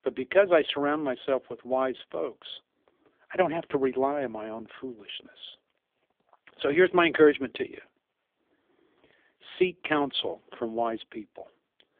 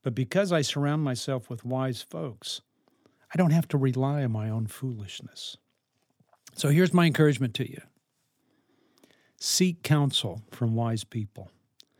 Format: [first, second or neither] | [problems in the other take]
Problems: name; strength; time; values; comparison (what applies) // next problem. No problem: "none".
second | phone-call audio; poor line; nothing above 3.5 kHz